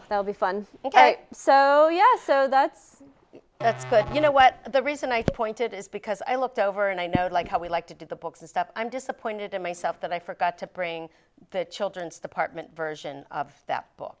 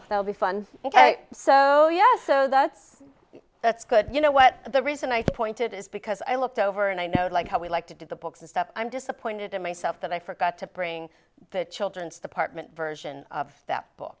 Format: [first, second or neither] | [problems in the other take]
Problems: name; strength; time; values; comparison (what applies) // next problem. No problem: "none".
second | background sound (Musical instrument); 16 dB below the speech